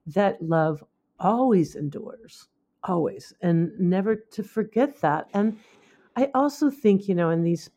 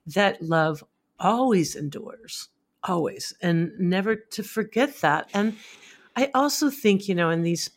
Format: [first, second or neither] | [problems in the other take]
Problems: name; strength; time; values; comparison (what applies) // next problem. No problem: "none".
second | muffled; slightly; fading above 1.5 kHz